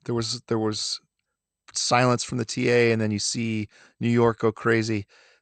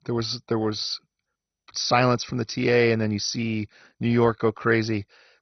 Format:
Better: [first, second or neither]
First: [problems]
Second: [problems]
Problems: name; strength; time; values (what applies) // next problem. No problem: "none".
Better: first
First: garbled, watery; slightly; nothing above 8.5 kHz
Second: garbled, watery; badly; nothing above 6 kHz